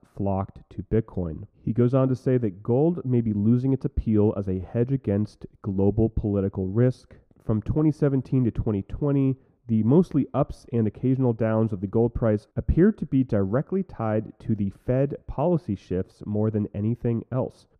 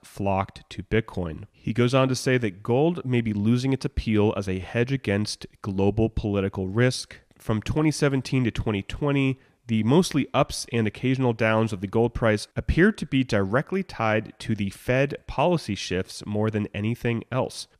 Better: second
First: muffled; very; fading above 1 kHz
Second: none

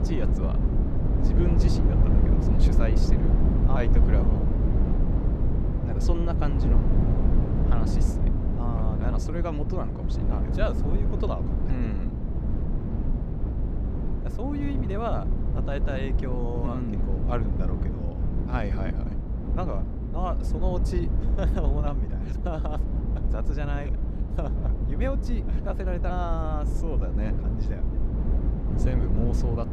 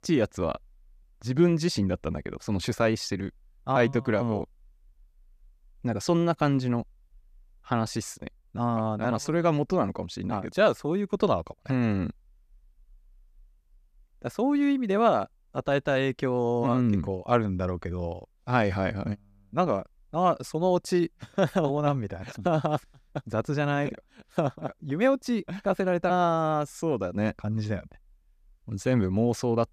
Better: second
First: low rumble; loud; throughout; 2 dB below the speech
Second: none

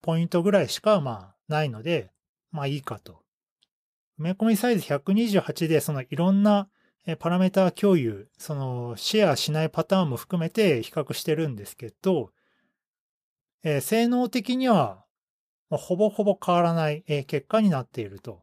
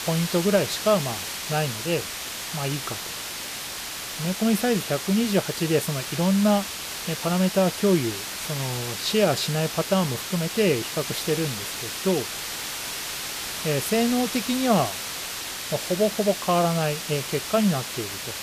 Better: first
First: none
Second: hiss; loud; throughout; 5 dB below the speech

